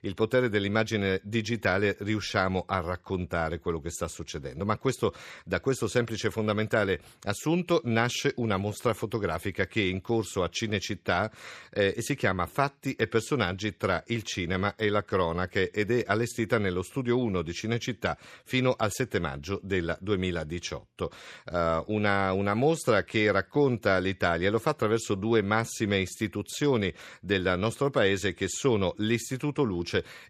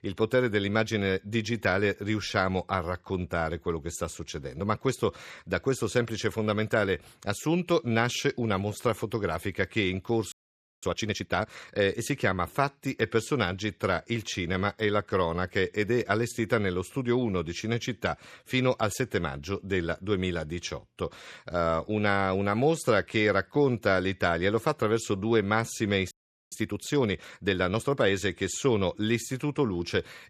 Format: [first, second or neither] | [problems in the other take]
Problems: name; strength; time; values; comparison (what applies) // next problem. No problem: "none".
first | audio freezing; at 10 s for 0.5 s and at 26 s